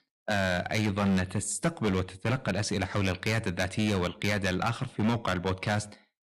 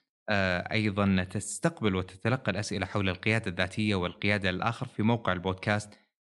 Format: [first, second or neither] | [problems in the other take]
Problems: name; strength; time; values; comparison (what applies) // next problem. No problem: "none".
second | distortion; heavy; 9% of the sound clipped